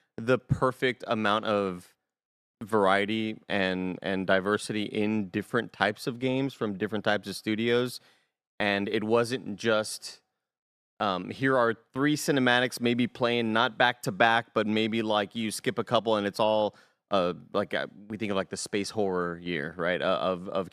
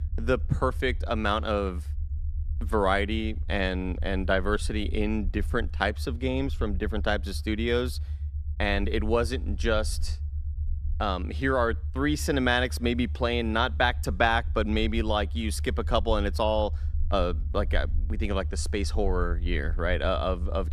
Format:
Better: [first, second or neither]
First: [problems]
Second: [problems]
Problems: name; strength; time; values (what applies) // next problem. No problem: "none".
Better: first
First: none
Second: low rumble; faint; throughout; 25 dB below the speech